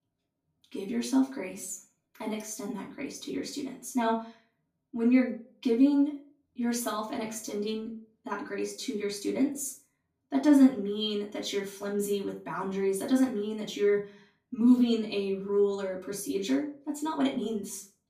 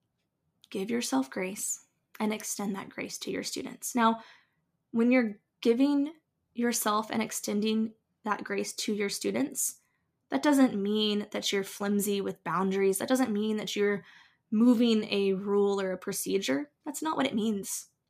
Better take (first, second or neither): second